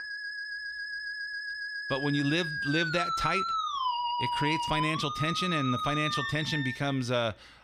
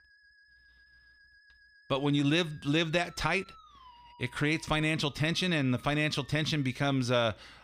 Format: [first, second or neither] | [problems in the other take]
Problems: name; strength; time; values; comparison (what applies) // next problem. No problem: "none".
second | background music; loud; throughout; 2 dB below the speech; faint in the second